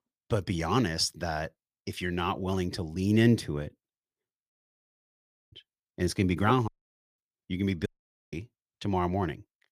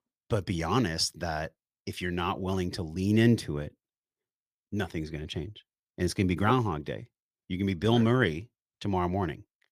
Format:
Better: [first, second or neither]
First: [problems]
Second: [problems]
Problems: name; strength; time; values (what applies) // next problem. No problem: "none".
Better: second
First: audio cutting out; at 4.5 s for 1 s, at 6.5 s for 0.5 s and at 8 s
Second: none